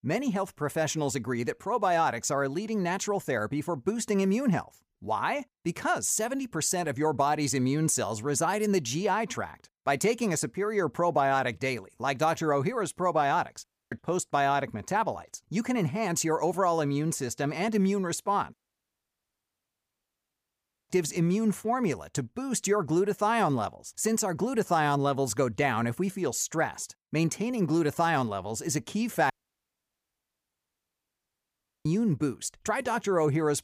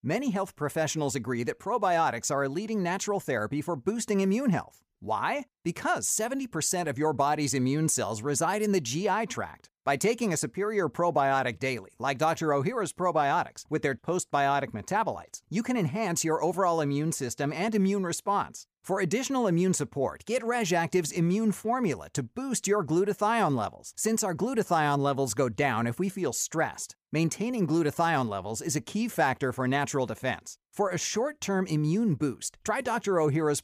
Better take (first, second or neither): second